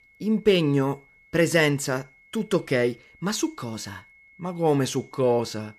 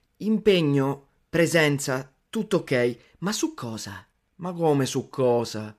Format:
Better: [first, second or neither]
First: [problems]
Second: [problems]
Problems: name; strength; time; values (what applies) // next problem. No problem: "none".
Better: second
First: high-pitched whine; faint; throughout; 2 kHz, 30 dB below the speech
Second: none